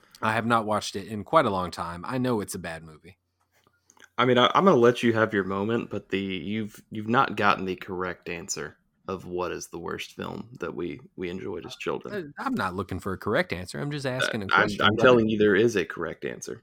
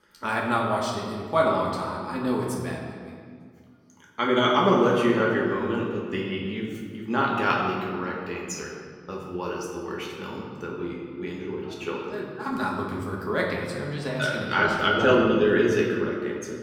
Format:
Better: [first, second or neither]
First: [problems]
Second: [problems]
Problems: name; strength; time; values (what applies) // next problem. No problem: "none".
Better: first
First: none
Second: room echo; noticeable; dies away in 1.7 s // off-mic speech; far